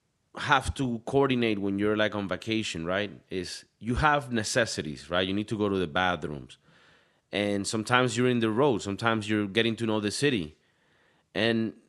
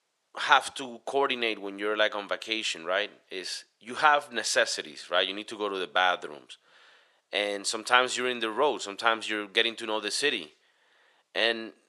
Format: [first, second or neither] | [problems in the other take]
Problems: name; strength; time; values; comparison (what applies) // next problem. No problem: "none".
first | thin; very; fading below 600 Hz